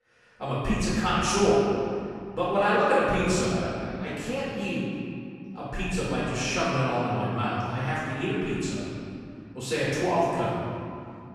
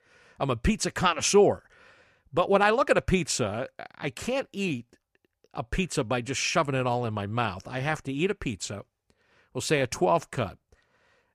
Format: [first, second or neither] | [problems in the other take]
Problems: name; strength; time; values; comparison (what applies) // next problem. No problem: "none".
second | off-mic speech; far // room echo; strong; dies away in 2.4 s